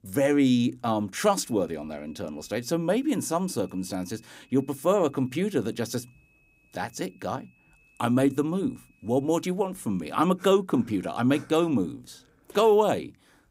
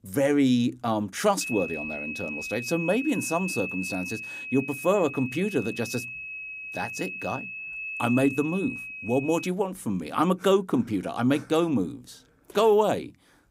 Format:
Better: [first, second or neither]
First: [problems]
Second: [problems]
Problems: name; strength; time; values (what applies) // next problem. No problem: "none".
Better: first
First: high-pitched whine; faint; from 1.5 to 9.5 s; 2.5 kHz, 35 dB below the speech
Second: high-pitched whine; loud; from 1.5 to 9.5 s; 2.5 kHz, 7 dB below the speech